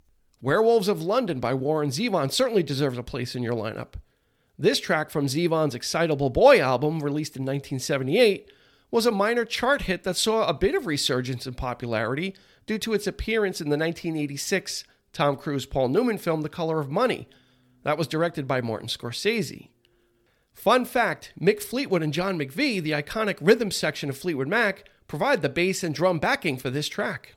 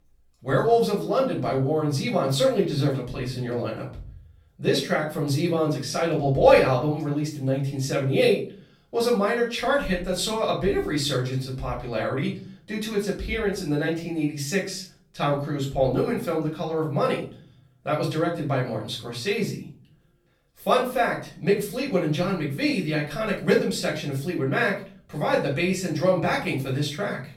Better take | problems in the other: first | off-mic speech; far // room echo; slight; dies away in 0.5 s

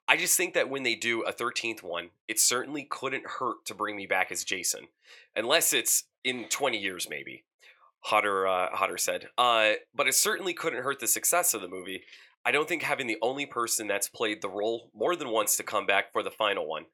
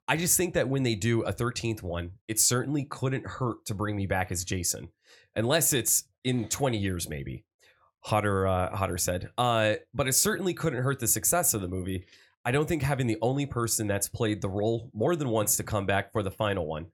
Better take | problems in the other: second | thin; very; fading below 450 Hz

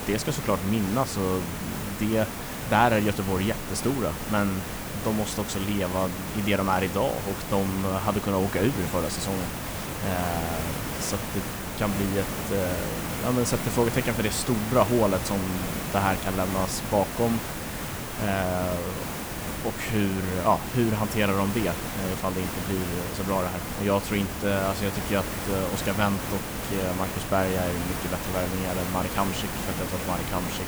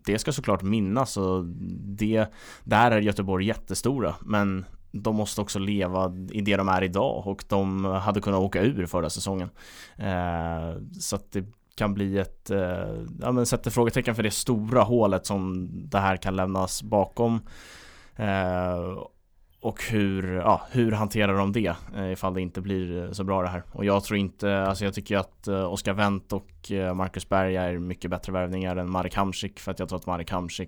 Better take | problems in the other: second | hiss; loud; throughout; 4 dB below the speech

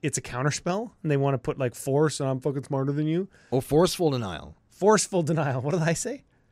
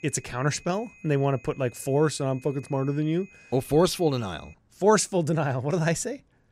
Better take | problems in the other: first | high-pitched whine; faint; until 4.5 s; 2.5 kHz, 25 dB below the speech

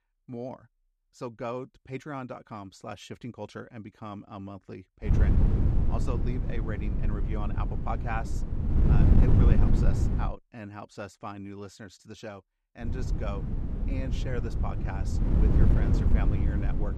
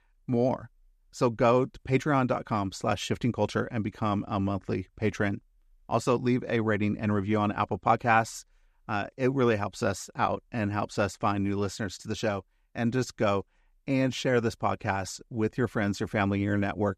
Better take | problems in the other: second | wind noise on the microphone; heavy; from 5 to 10 s and from 13 s on; 1 dB above the speech

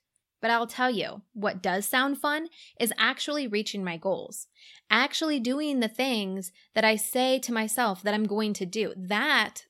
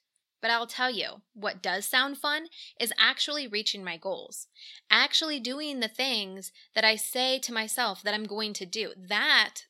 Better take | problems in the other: first | thin; very slightly; fading below 400 Hz

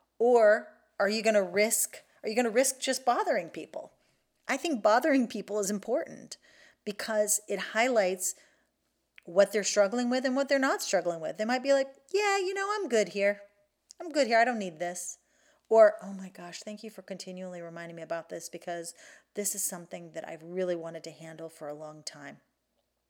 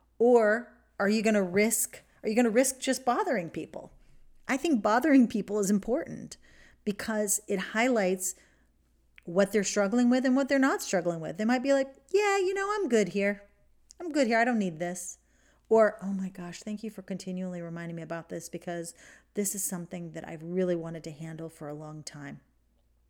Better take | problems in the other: second | thin; somewhat; fading below 450 Hz

